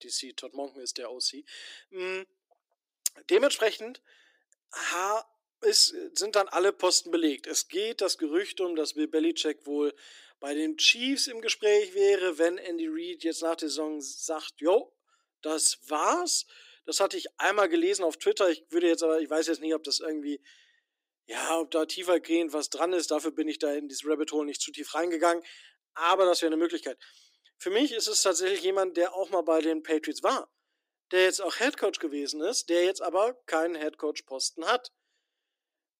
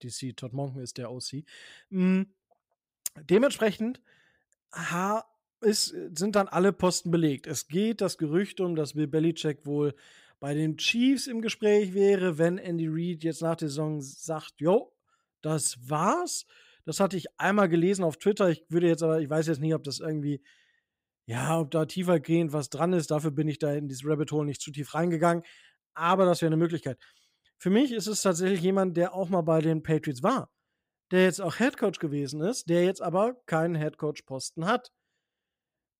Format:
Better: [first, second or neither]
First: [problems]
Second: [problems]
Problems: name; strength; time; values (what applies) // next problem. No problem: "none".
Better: second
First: thin; somewhat; fading below 300 Hz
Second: none